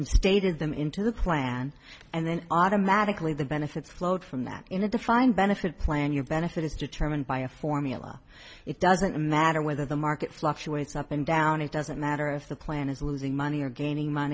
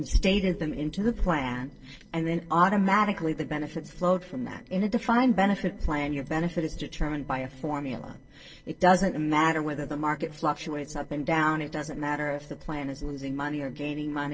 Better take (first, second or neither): first